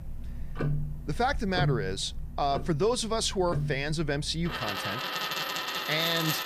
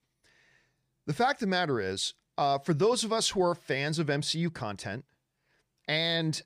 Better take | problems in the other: second | household noises; loud; throughout; 4 dB below the speech

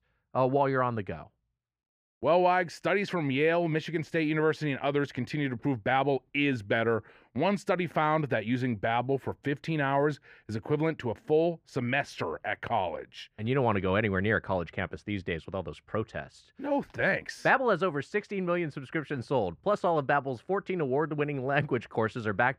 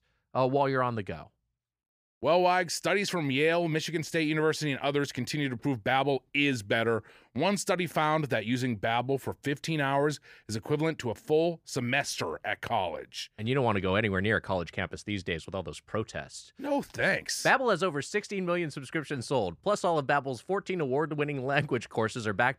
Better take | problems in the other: second | muffled; slightly; fading above 4 kHz

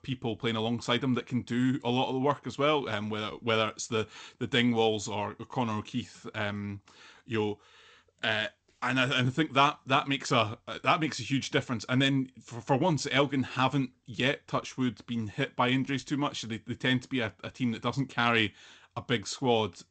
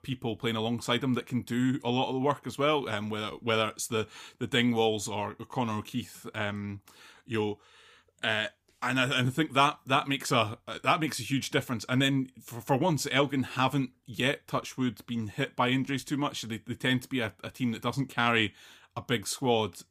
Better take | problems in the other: second | garbled, watery; slightly; nothing above 8 kHz

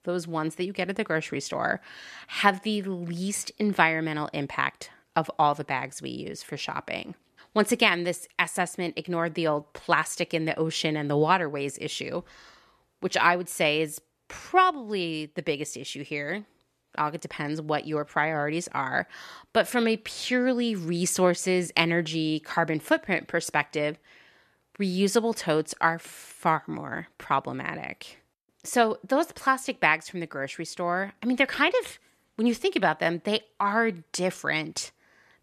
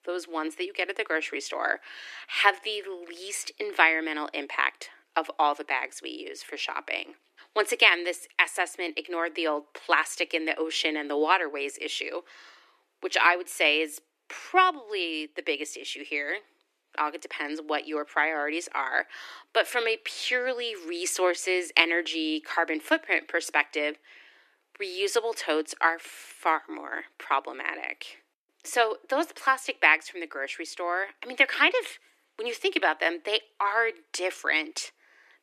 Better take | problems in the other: first | thin; very; fading below 300 Hz

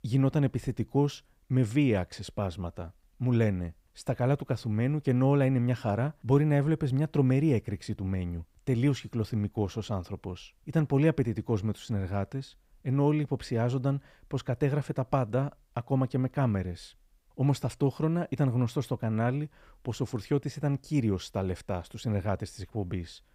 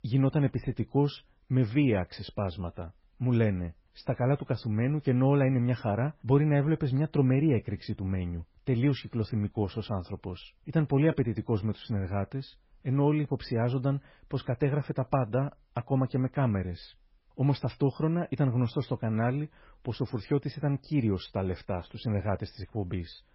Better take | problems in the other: first | garbled, watery; badly; nothing above 5.5 kHz

